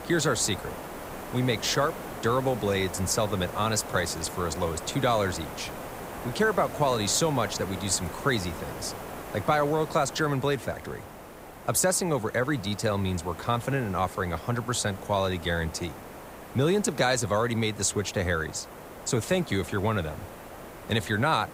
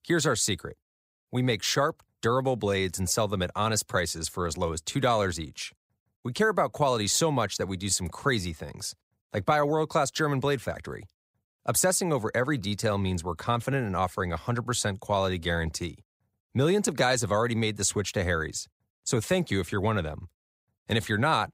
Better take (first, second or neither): second